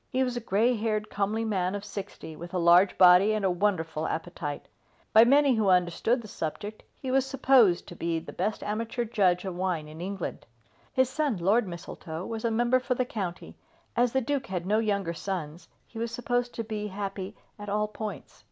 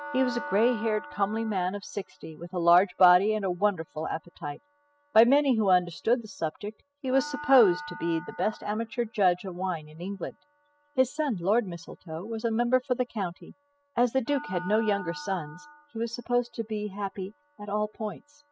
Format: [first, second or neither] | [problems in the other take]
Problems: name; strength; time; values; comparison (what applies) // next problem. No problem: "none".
first | noise reduction (classical method spectral subtraction)